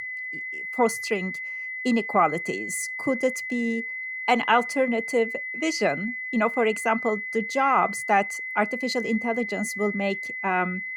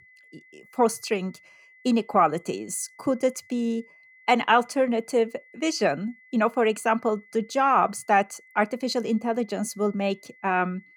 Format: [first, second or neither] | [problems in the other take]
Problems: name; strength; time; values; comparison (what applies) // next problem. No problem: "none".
second | high-pitched whine; loud; throughout; 2 kHz, 5 dB below the speech; faint in the second